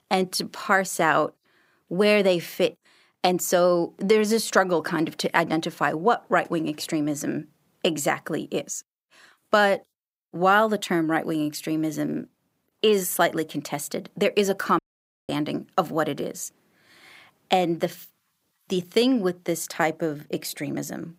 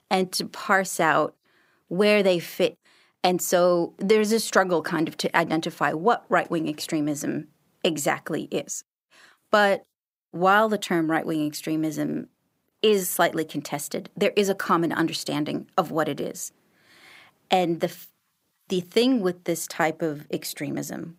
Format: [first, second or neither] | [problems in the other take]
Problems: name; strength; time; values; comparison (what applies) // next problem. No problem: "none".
second | audio cutting out; at 15 s for 0.5 s